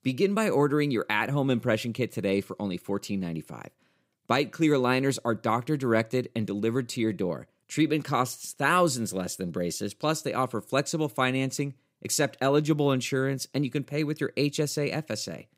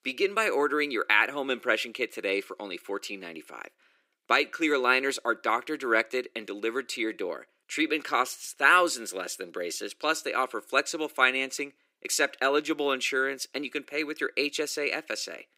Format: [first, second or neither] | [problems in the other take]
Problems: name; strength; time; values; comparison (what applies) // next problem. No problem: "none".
first | thin; somewhat; fading below 350 Hz